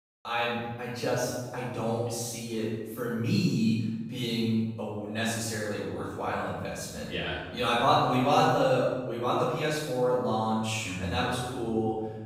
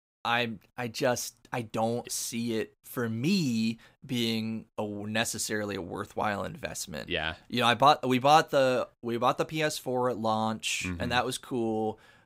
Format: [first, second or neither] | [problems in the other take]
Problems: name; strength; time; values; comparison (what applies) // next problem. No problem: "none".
second | off-mic speech; far // room echo; strong; dies away in 1.2 s